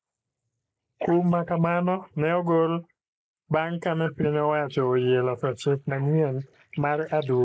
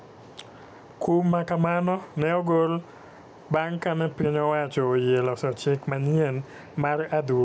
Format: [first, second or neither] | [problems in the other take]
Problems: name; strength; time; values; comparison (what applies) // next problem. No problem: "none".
second | noise reduction (neural mask model Resemble Enhance denoiser)